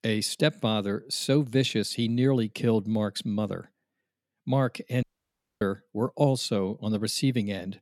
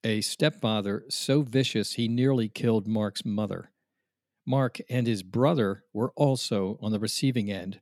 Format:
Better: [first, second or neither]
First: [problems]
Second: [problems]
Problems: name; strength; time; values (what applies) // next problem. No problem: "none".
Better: second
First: audio cutting out; at 5 s for 0.5 s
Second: none